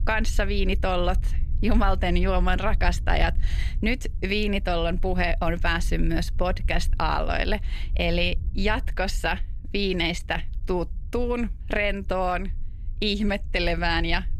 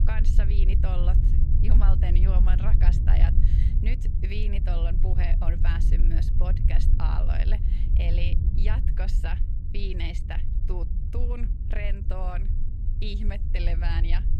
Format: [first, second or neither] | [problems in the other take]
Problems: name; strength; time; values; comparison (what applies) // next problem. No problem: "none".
first | low rumble; loud; throughout; 5 dB below the speech; faint in the first